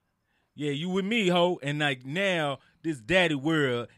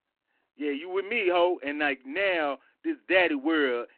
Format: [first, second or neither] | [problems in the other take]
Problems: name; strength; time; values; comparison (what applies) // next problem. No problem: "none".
first | phone-call audio; nothing above 4 kHz